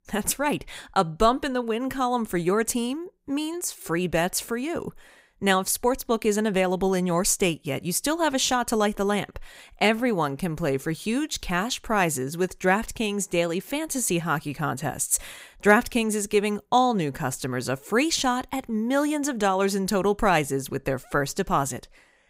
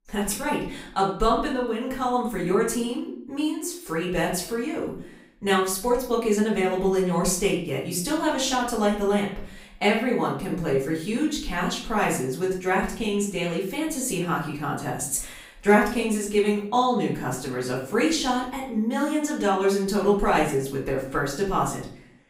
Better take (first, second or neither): first